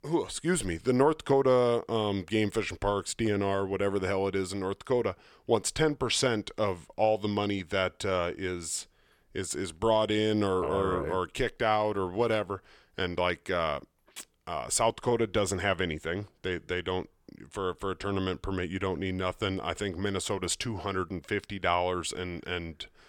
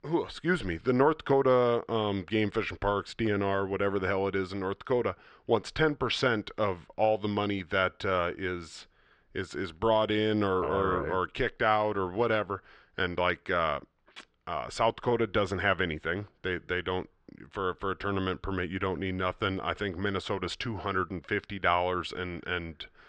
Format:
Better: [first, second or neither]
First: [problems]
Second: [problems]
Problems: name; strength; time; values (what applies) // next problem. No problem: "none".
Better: first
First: none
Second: muffled; slightly; fading above 4 kHz